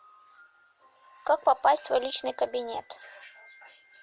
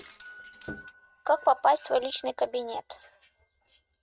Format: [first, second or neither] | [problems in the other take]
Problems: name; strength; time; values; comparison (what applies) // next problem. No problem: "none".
first | noise reduction (neural mask model RNNoise)